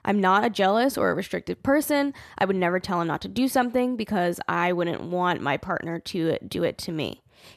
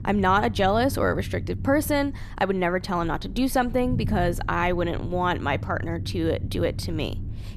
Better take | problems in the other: first | low rumble; faint; throughout; 20 dB below the speech

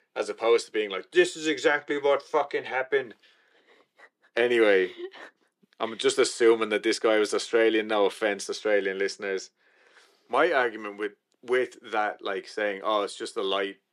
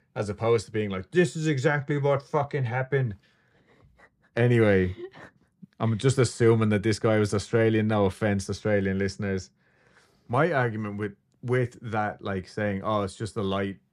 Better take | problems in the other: second | thin; very; fading below 350 Hz

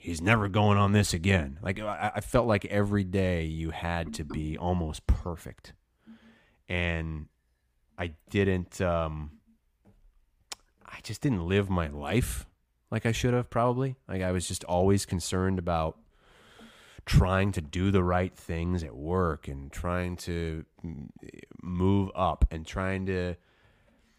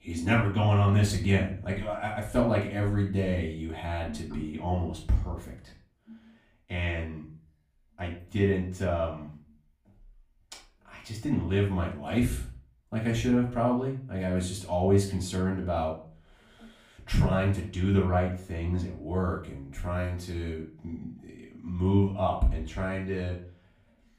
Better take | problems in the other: first | off-mic speech; far // room echo; slight; dies away in 0.4 s

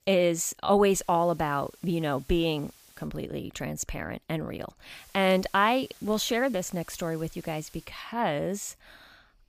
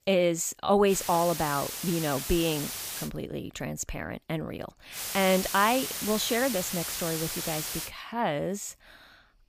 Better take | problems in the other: first | hiss; loud; from 1 to 3 s and from 5 to 8 s; 5 dB below the speech; faint in the first

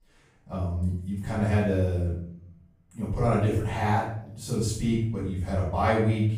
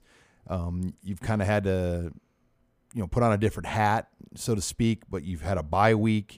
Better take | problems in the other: second | off-mic speech; far // room echo; noticeable; dies away in 0.6 s

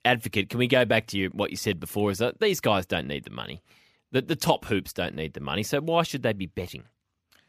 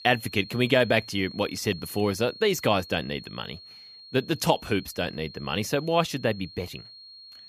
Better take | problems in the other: first | high-pitched whine; noticeable; throughout; 4.5 kHz, 15 dB below the speech

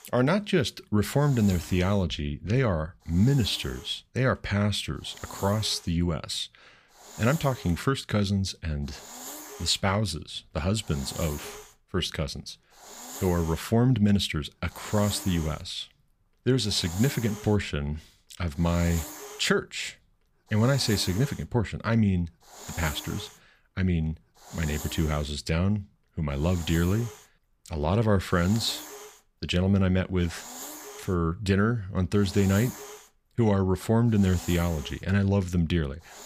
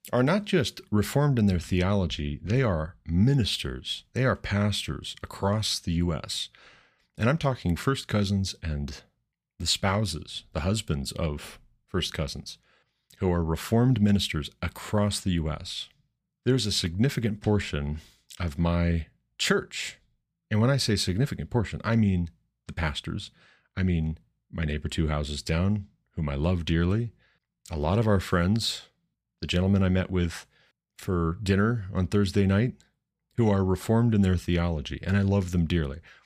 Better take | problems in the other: second | hiss; noticeable; throughout; 15 dB below the speech

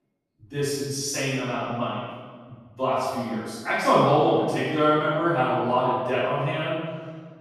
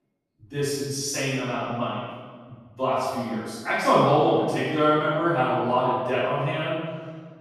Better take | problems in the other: neither | room echo; strong; dies away in 1.4 s; the same in both // off-mic speech; far; the same in both

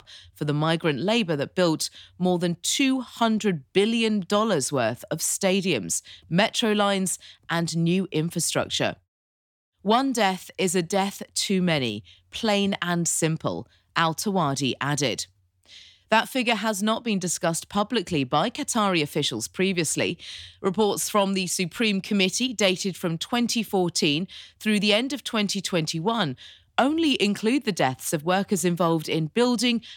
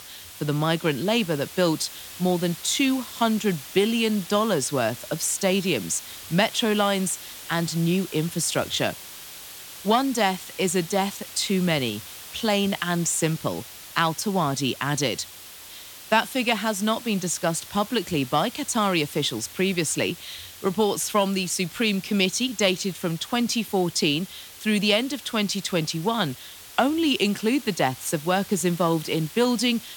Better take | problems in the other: first | hiss; noticeable; throughout; 15 dB below the speech

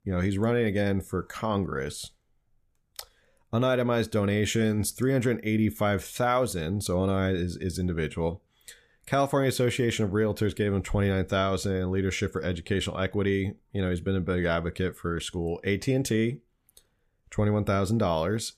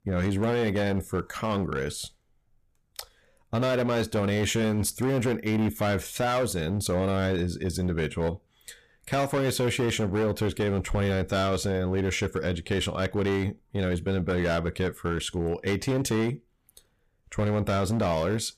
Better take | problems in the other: first | distortion; slight; 14% of the sound clipped

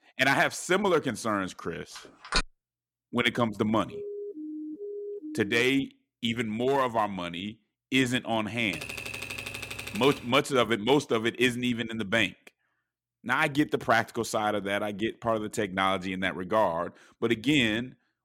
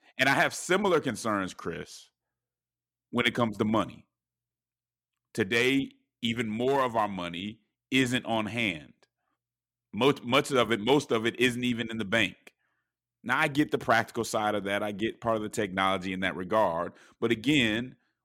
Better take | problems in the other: second | phone ringing; noticeable; at 2.5 s; peak 2 dB below the speech // siren; faint; from 4 to 5.5 s; peak 10 dB below the speech // keyboard typing; noticeable; from 8.5 to 10 s; peak 8 dB below the speech

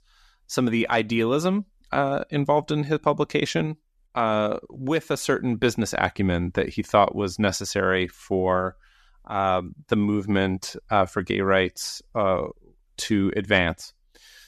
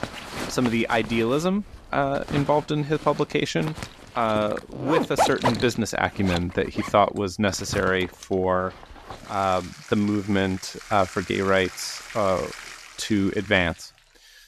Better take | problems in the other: first | household noises; loud; throughout; 9 dB below the speech

